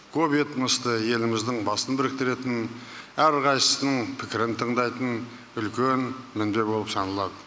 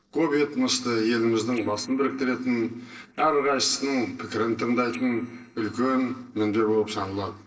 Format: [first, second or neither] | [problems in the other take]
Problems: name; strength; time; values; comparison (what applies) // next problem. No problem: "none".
first | noise reduction (neural separator model SepFormer DNS4)